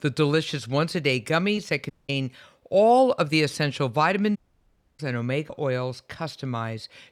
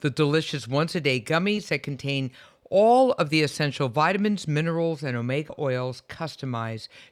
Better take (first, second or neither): second